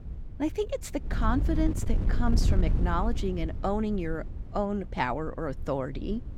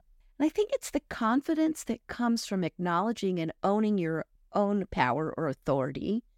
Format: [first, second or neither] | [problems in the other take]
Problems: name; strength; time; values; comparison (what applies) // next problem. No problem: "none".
second | wind noise on the microphone; occasional gusts; 10 dB below the speech